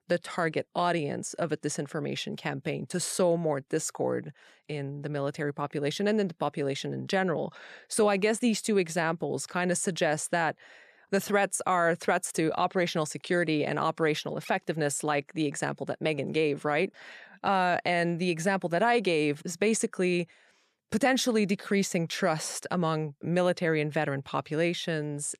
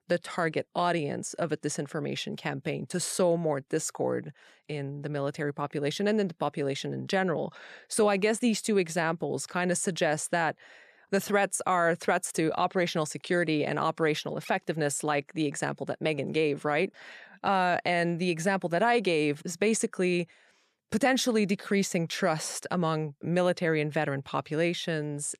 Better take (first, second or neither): neither